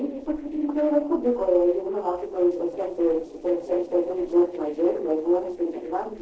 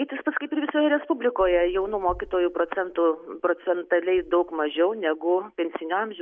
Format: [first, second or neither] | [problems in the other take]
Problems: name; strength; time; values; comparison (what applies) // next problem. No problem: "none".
second | noise reduction (neural separator model SepFormer DNS4)